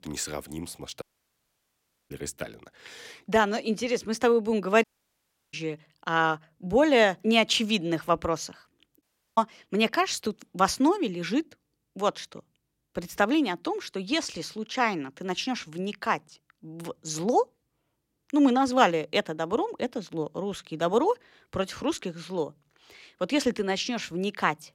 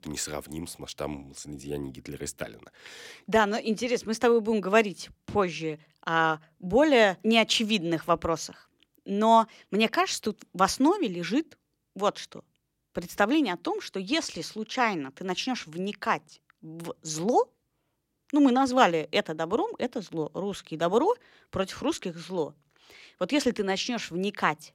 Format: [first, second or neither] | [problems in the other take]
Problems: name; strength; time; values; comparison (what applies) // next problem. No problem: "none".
second | audio cutting out; at 1 s for 1 s, at 5 s for 0.5 s and at 9 s